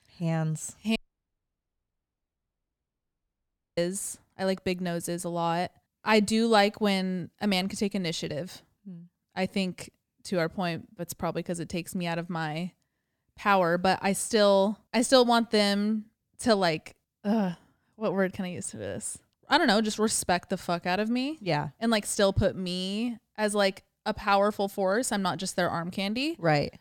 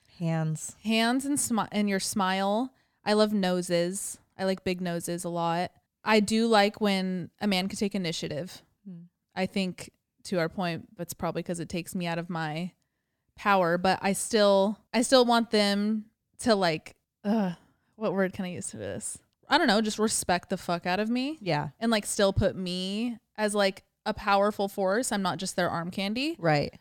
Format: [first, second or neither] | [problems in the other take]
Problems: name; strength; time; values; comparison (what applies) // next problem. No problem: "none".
second | audio cutting out; at 1 s for 3 s